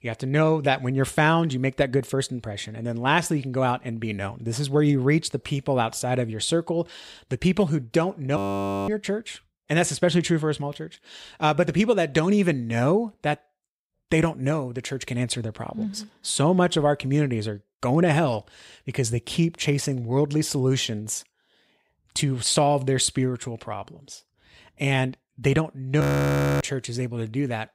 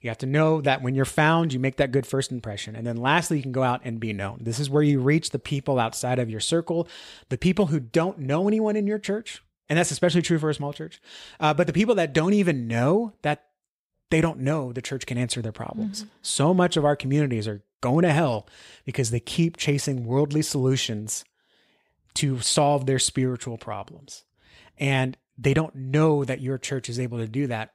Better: second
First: audio freezing; at 8.5 s for 0.5 s and at 26 s for 0.5 s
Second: none

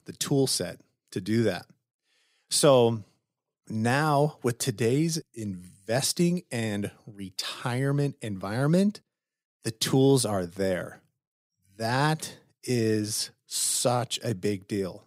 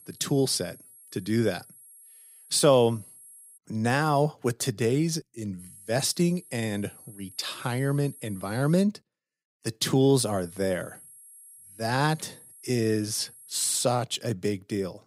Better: first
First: none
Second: high-pitched whine; faint; until 3.5 s, from 5.5 to 9 s and from 10 to 14 s; 11 kHz, 20 dB below the speech

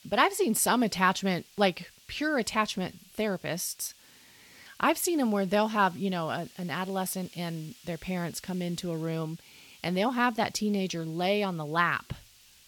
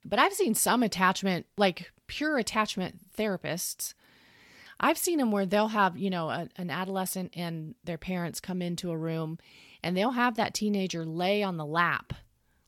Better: second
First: hiss; faint; throughout; 25 dB below the speech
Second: none

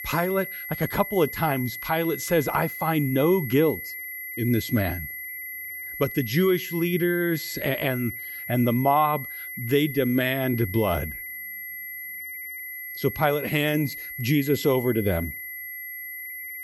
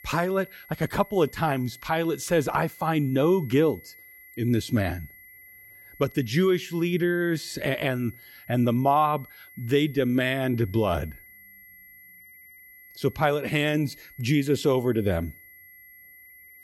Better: second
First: high-pitched whine; loud; throughout; 2 kHz, 8 dB below the speech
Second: high-pitched whine; faint; throughout; 2 kHz, 20 dB below the speech

